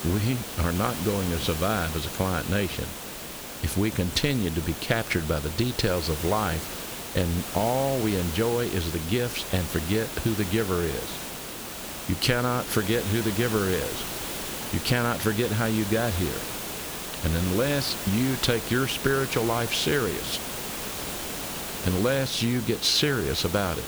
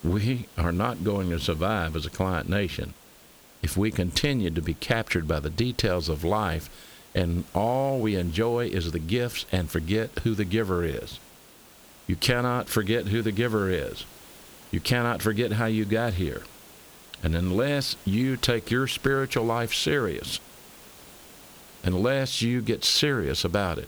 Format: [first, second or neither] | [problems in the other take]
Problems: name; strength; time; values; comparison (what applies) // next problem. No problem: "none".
second | hiss; loud; throughout; 6 dB below the speech; faint in the second